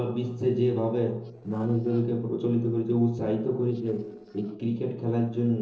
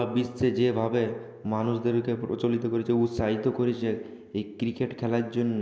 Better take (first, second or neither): second